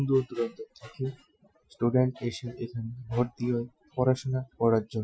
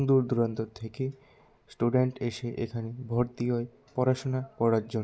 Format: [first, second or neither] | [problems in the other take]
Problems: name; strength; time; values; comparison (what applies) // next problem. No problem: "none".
second | noise reduction (classical method Wiener filter)